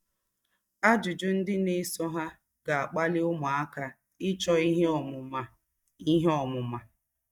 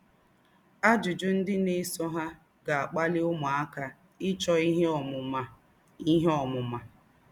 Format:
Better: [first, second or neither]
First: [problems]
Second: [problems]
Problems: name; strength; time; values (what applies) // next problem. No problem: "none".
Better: second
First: noise reduction (neural mask model DeepFilterNet 3)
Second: none